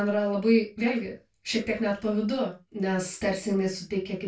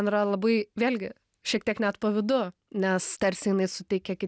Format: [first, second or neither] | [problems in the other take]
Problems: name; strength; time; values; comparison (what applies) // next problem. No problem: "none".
second | room echo; dies away in 0.2 s